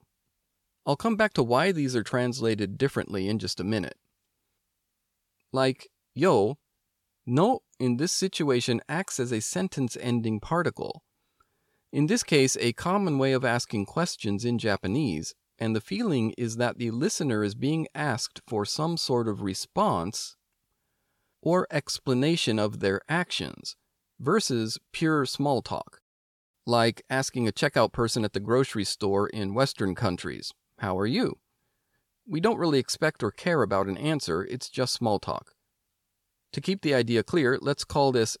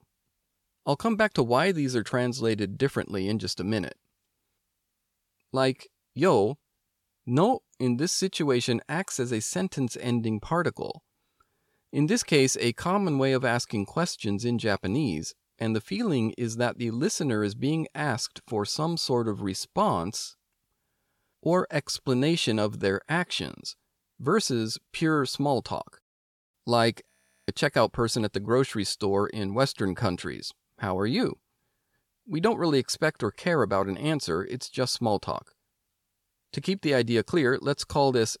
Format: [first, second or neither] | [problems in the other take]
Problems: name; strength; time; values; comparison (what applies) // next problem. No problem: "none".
first | audio freezing; at 27 s